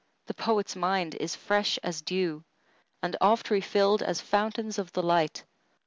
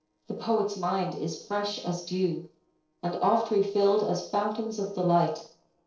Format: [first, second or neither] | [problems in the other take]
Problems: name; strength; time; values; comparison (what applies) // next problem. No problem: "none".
first | noise reduction (neural separator model SepFormer DNS4)